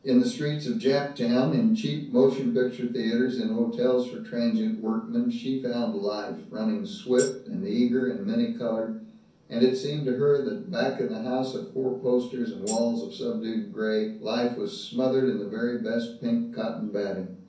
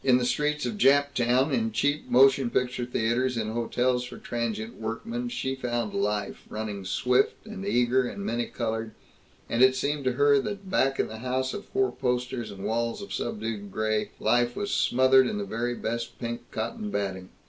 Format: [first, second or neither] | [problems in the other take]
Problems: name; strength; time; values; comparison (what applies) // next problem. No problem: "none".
second | background sound (Tambourine); 15 dB below the speech // room echo; dies away in 0.6 s